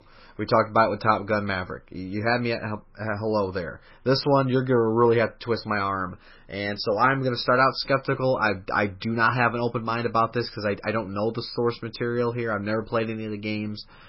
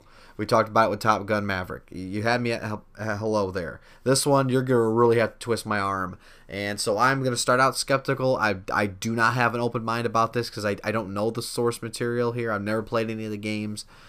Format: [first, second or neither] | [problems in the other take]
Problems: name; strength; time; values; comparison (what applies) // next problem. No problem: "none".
second | garbled, watery; badly; nothing above 5.5 kHz